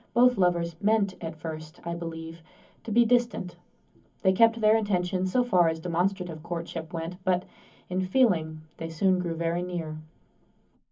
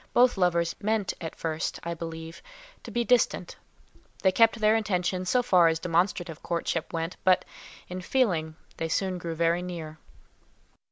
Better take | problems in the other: second | room echo; dies away in 0.3 s

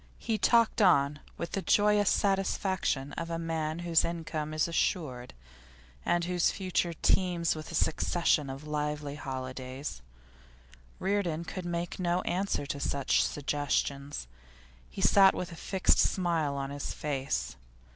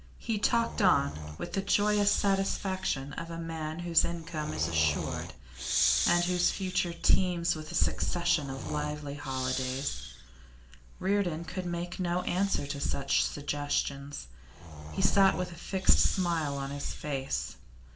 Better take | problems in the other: first | background sound (Breathing); 11 dB below the speech // room echo; dies away in 0.3 s

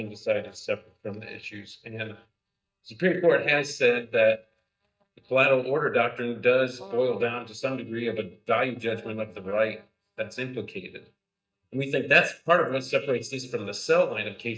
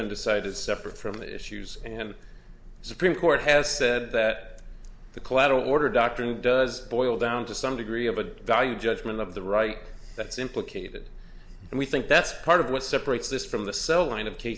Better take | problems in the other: second | noise reduction (neural mask model DeepFilterNet 3)

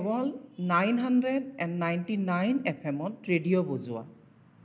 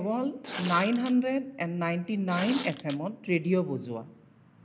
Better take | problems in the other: first | background sound (Tearing); 10 dB below the speech

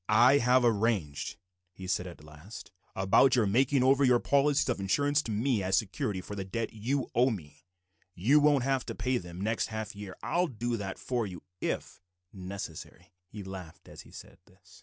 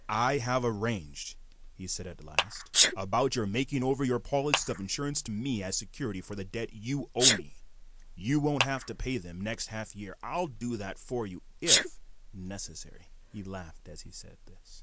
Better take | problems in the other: first | background sound (Sneeze + Clapping); 2 dB below the speech

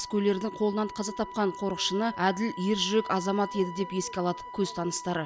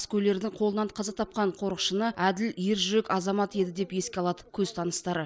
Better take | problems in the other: second | background sound (Wind instrument, woodwind instrument); 12 dB below the speech

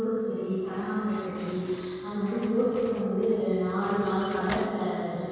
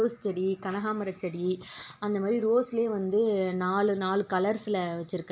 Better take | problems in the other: second | background sound (Slam); 18 dB below the speech // room echo; dies away in 2.1 s

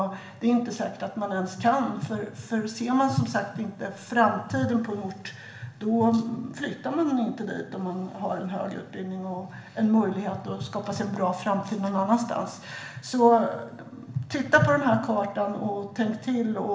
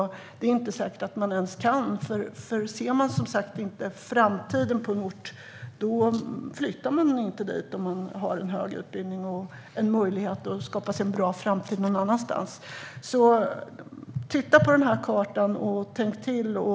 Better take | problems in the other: second | room echo; dies away in 0.8 s

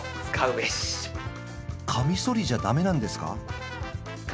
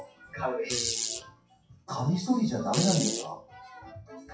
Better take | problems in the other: first | noise reduction (classical method WPE with log-MMSE)

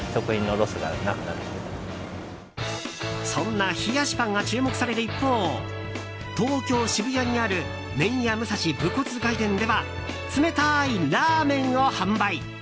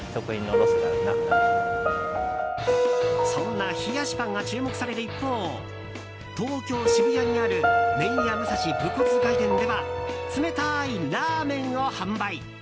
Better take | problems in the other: first | background sound (Piano); 3 dB above the speech

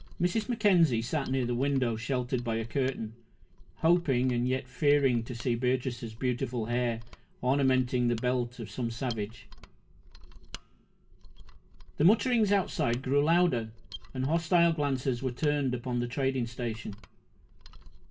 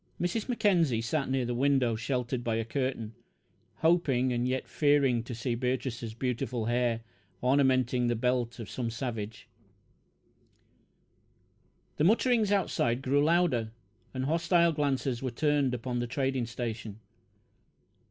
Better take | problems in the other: second | background sound (Mechanisms); 17 dB below the speech // room echo; dies away in 0.2 s

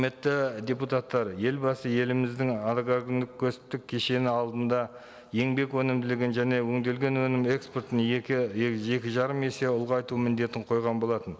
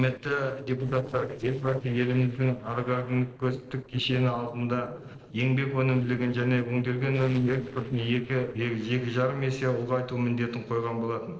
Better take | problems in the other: first | noise reduction (neural separator model SepFormer DNS4)

